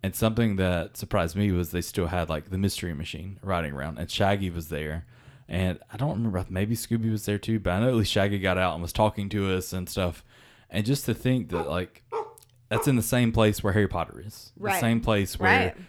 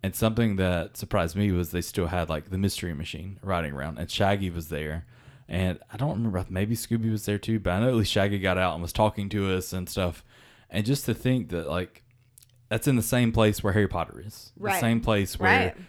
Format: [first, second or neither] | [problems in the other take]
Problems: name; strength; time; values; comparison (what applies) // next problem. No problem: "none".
second | dog barking; noticeable; from 12 to 13 s; peak 8 dB below the speech